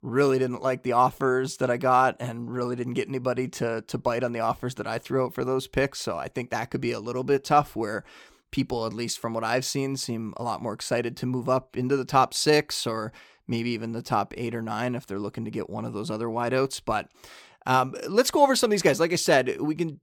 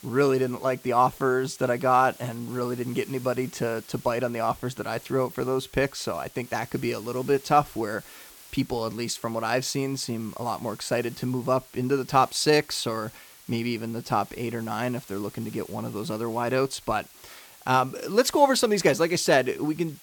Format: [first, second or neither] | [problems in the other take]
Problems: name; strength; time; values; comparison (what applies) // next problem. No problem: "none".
first | hiss; faint; throughout; 20 dB below the speech